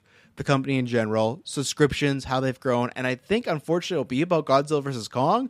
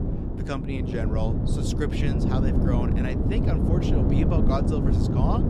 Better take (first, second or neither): first